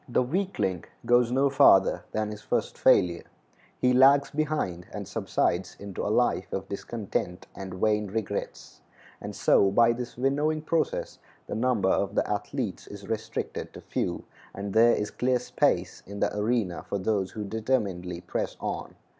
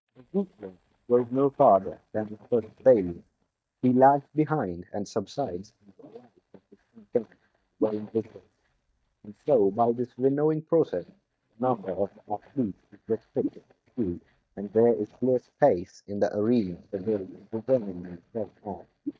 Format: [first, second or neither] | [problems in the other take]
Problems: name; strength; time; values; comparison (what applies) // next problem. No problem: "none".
first | noise reduction (neural mask model DeepFilterNet 3)